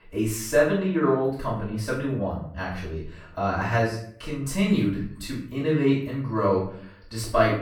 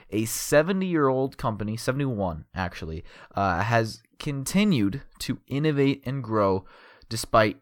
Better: second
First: off-mic speech; far // room echo; noticeable; dies away in 0.5 s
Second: none

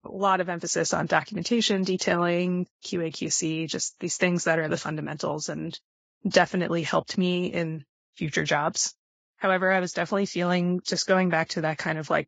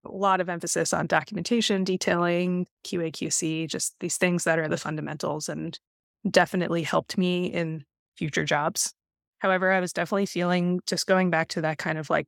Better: second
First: garbled, watery; badly; nothing above 7.5 kHz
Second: none

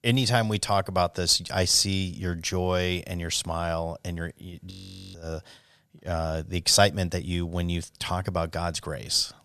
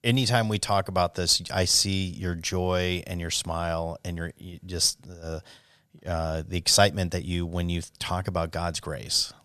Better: second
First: audio freezing; at 4.5 s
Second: none

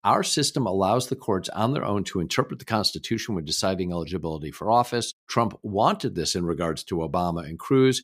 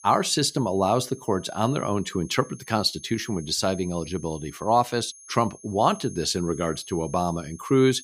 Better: first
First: none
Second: high-pitched whine; noticeable; throughout; 6.5 kHz, 20 dB below the speech

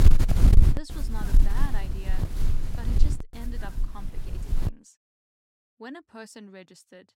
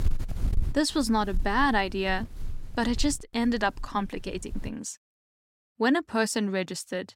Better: second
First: wind noise on the microphone; heavy; until 4.5 s; 3 dB above the speech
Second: wind noise on the microphone; occasional gusts; until 4.5 s; 25 dB below the speech

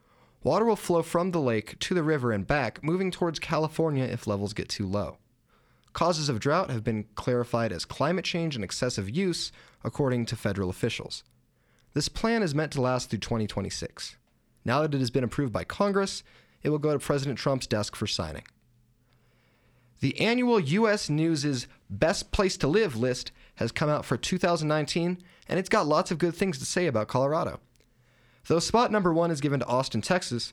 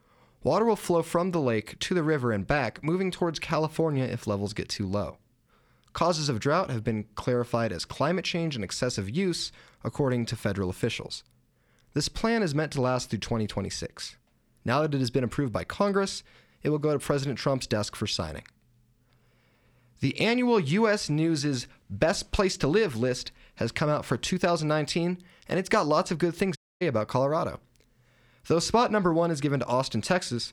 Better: first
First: none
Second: audio cutting out; at 27 s

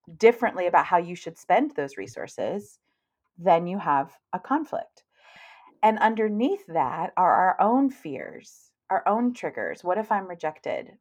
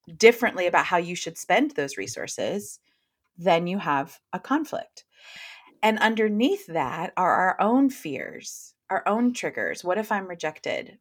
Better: second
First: muffled; slightly; fading above 2.5 kHz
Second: none

